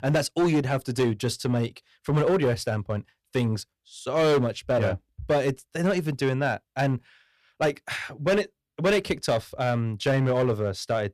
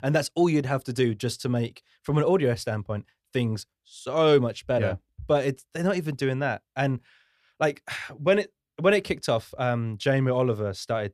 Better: second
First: distortion; slight; 8% of the sound clipped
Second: none

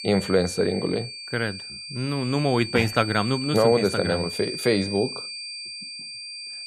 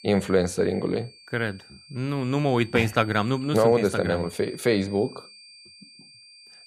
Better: second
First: high-pitched whine; loud; throughout; 4.5 kHz, 8 dB below the speech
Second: high-pitched whine; faint; throughout; 4.5 kHz, 20 dB below the speech

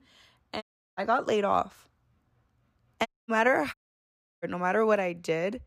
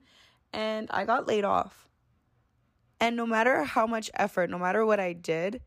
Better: second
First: audio cutting out; at 0.5 s, at 3 s and at 3.5 s for 0.5 s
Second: none

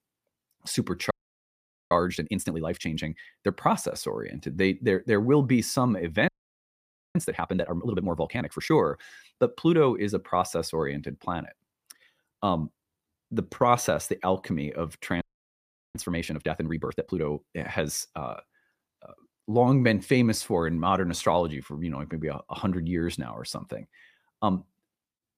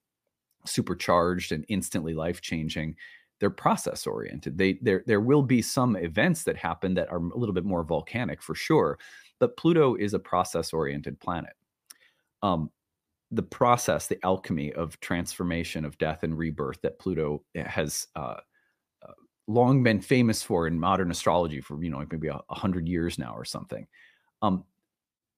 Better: second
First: audio freezing; at 1 s for 1 s, at 6.5 s for 1 s and at 15 s for 0.5 s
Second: none

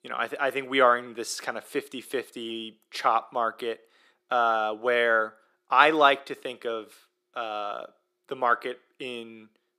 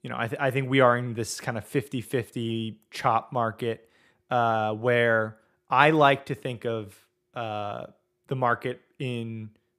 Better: second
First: thin; somewhat; fading below 300 Hz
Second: none

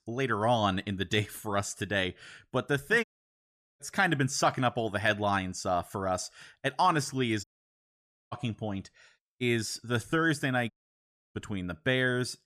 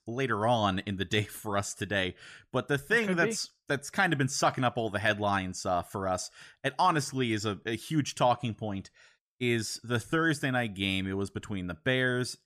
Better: second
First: audio cutting out; at 3 s for 1 s, at 7.5 s for 1 s and at 11 s for 0.5 s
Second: none

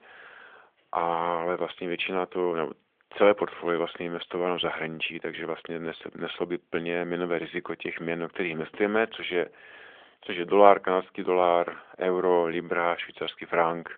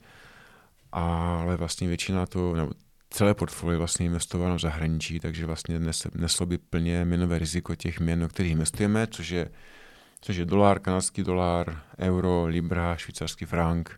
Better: second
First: phone-call audio; nothing above 3.5 kHz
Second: none

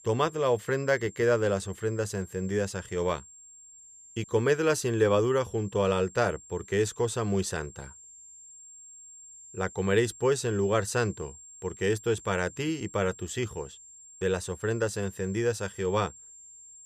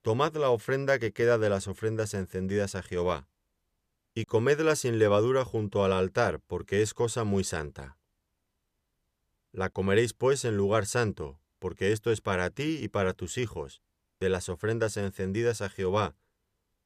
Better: second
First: high-pitched whine; noticeable; throughout; 7.5 kHz, 20 dB below the speech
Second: none

